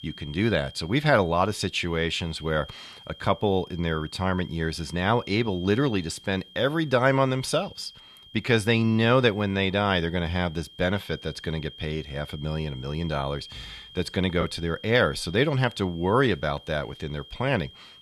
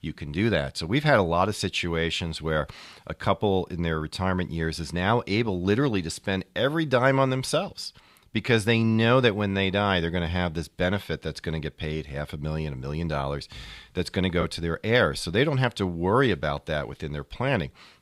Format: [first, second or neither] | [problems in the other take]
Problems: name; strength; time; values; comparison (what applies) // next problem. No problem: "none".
second | high-pitched whine; noticeable; throughout; 3 kHz, 20 dB below the speech